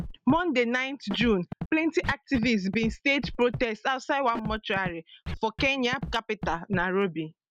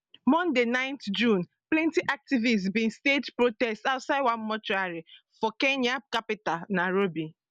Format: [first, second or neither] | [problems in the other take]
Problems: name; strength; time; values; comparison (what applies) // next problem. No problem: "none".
second | background sound (Scratching (performance technique)); 11 dB below the speech